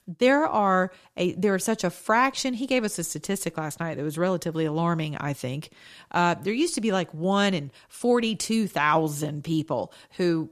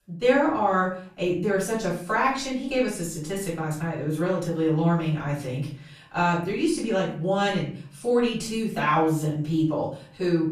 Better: first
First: none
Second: off-mic speech; far // room echo; noticeable; dies away in 0.5 s

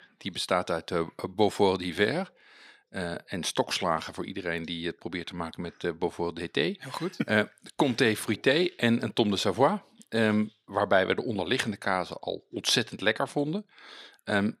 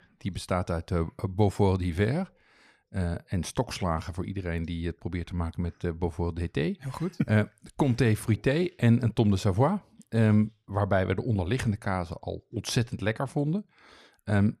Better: second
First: thin; somewhat; fading below 300 Hz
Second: none

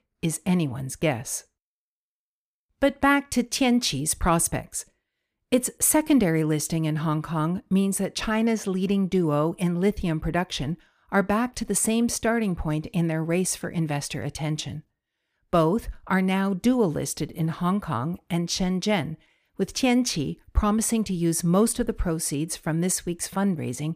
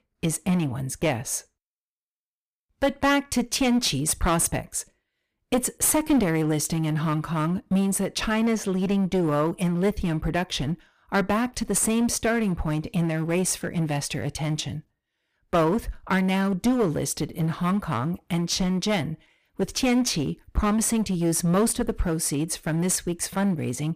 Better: first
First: none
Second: distortion; slight; 9% of the sound clipped

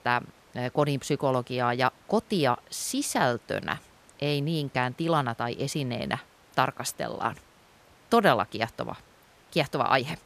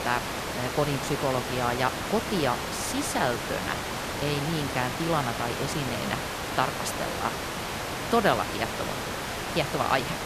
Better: first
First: hiss; faint; throughout; 30 dB below the speech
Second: hiss; loud; throughout; 2 dB below the speech

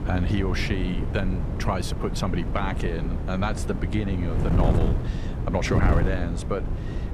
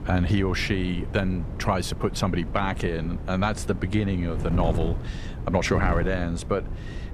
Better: second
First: wind noise on the microphone; heavy; 6 dB below the speech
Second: wind noise on the microphone; occasional gusts; 15 dB below the speech

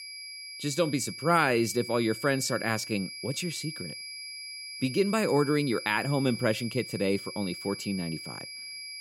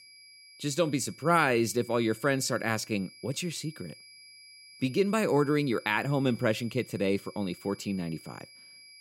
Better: second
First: high-pitched whine; loud; throughout; 5 kHz, 10 dB below the speech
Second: high-pitched whine; faint; throughout; 5 kHz, 20 dB below the speech

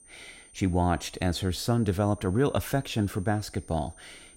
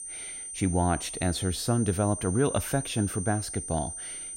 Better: first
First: high-pitched whine; faint; throughout; 9 kHz, 25 dB below the speech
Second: high-pitched whine; loud; throughout; 9 kHz, 7 dB below the speech

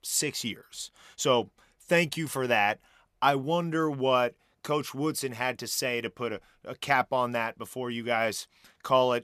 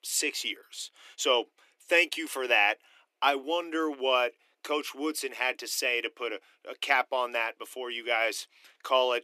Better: first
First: none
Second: thin; somewhat; fading below 300 Hz

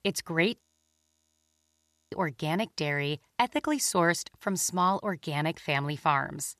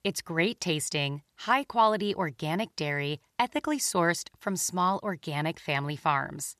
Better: second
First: audio freezing; at 0.5 s for 1.5 s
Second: none

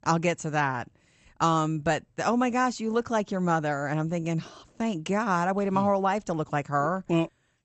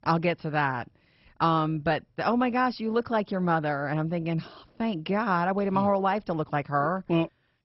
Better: first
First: garbled, watery; slightly; nothing above 8 kHz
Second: garbled, watery; badly; nothing above 5.5 kHz

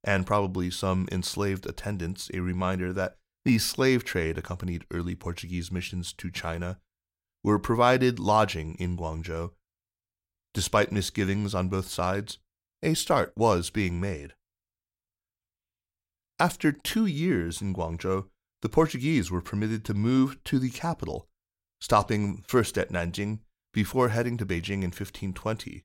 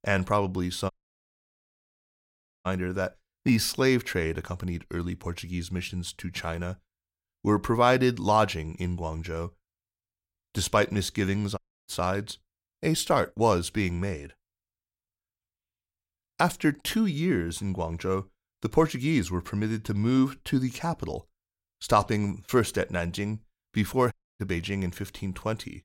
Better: first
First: none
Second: audio cutting out; at 1 s for 1.5 s, at 12 s and at 24 s

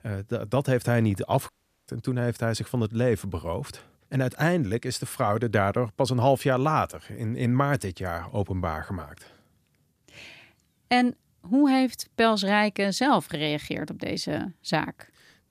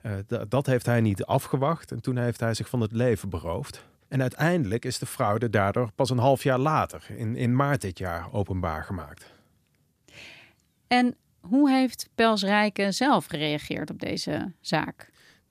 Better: second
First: audio cutting out; at 1.5 s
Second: none

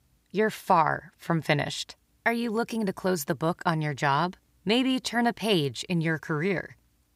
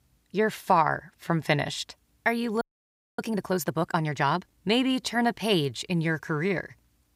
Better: first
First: none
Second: audio freezing; at 2.5 s for 0.5 s

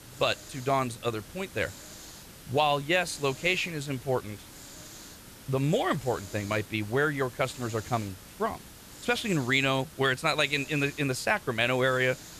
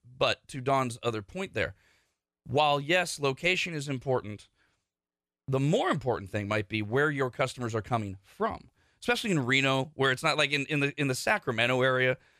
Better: second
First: hiss; noticeable; throughout; 15 dB below the speech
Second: none

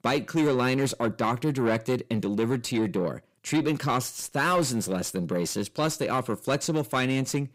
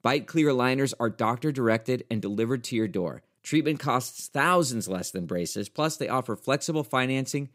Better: second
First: distortion; slight; 10 dB below the speech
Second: none

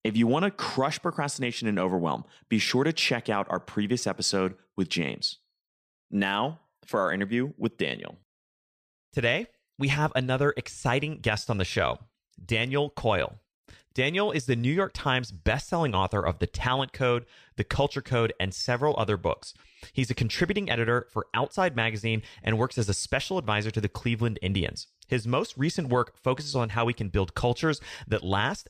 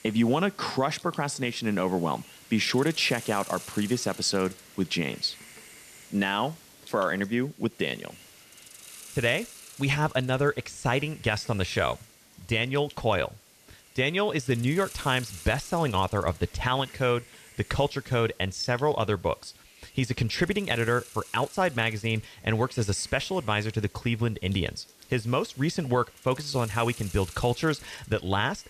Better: first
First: none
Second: hiss; noticeable; throughout; 20 dB below the speech

